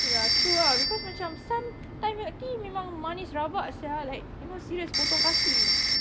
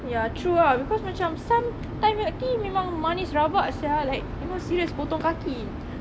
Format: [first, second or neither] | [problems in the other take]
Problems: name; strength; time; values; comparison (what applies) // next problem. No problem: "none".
second | background sound (Telephone); 4 dB above the speech